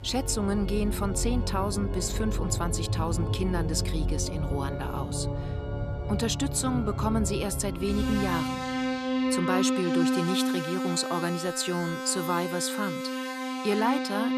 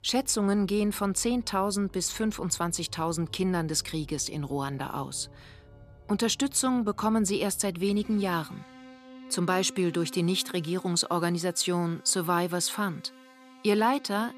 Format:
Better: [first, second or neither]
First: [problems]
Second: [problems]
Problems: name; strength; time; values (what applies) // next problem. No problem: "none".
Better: second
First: background music; loud; throughout; 1 dB below the speech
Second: background music; faint; throughout; 25 dB below the speech